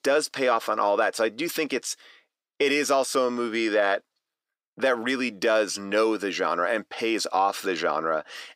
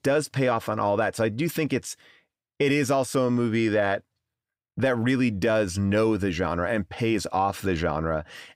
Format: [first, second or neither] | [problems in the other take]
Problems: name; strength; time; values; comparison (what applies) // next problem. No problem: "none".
second | thin; somewhat; fading below 300 Hz